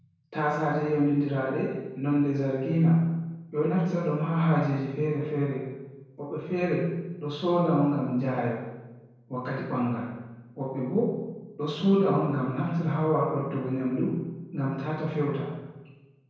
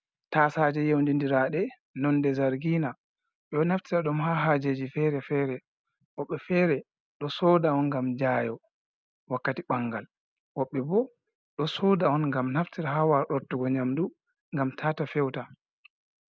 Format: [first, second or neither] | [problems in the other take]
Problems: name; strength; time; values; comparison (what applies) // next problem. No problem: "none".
second | room echo; dies away in 1 s